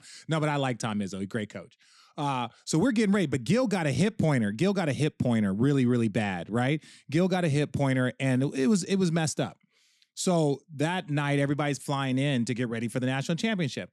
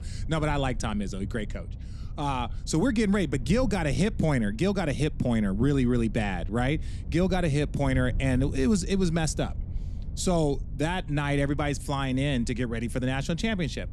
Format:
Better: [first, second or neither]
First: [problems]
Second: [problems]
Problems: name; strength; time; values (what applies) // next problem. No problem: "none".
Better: first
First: none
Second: wind noise on the microphone; occasional gusts; 20 dB below the speech